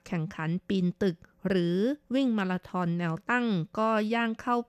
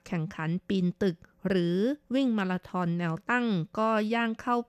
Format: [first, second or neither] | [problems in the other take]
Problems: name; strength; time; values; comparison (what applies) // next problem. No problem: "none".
neither | none